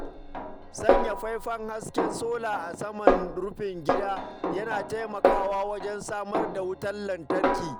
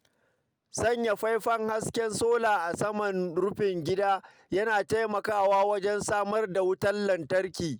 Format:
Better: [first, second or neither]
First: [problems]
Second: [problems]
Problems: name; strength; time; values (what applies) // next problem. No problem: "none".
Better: second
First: background sound (Snare drum); 3 dB above the speech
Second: none